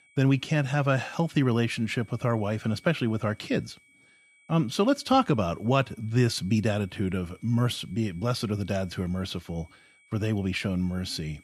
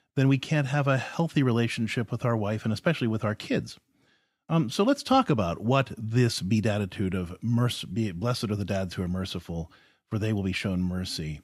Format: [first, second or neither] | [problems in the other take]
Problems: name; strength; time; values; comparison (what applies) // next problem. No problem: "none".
second | high-pitched whine; faint; throughout; 2.5 kHz, 30 dB below the speech